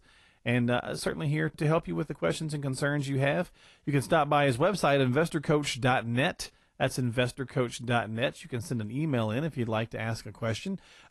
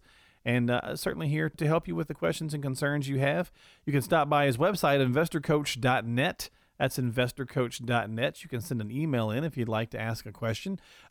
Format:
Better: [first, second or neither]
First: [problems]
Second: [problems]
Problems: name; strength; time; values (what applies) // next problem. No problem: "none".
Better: second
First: garbled, watery; slightly; nothing above 11.5 kHz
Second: none